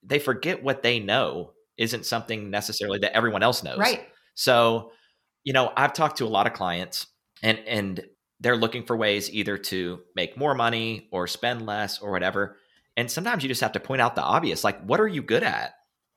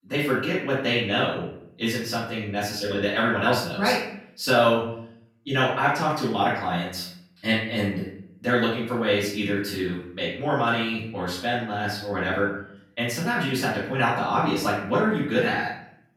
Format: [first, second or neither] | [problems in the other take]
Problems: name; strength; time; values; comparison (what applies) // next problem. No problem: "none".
first | off-mic speech; far // room echo; noticeable; dies away in 0.6 s